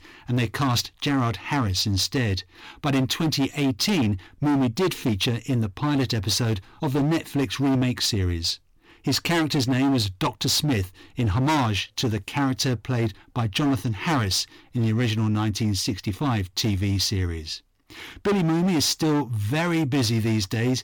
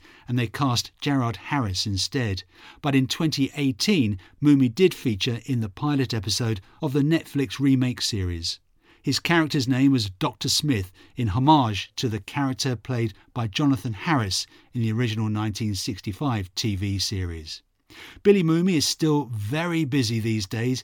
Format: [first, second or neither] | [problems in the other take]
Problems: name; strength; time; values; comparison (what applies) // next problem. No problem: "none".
second | distortion; heavy; 17% of the sound clipped